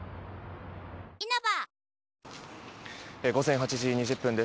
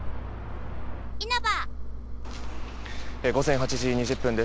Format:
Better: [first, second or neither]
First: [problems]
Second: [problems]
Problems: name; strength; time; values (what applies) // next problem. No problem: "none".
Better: first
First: none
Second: background sound (Engine); 2 dB below the speech